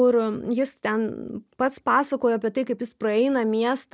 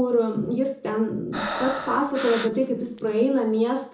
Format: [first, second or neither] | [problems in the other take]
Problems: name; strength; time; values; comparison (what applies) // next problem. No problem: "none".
first | background sound (Breathing); 9 dB below the speech // room echo; dies away in 0.6 s